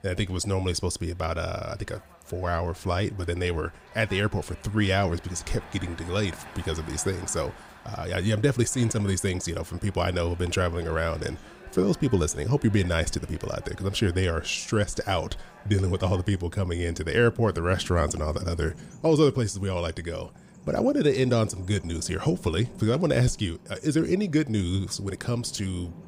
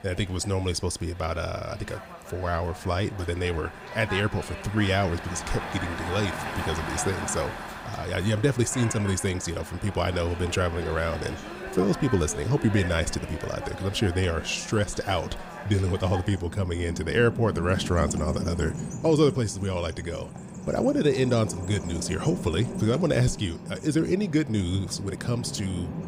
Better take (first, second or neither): first